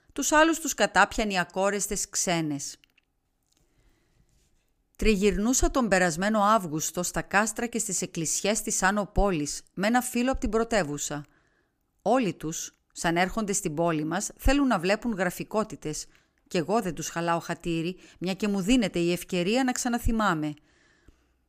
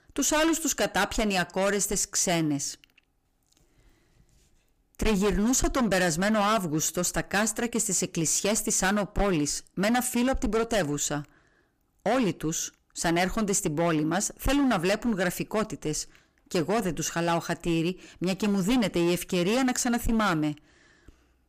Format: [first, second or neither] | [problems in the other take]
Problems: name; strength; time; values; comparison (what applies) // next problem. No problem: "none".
first | distortion; heavy; 13% of the sound clipped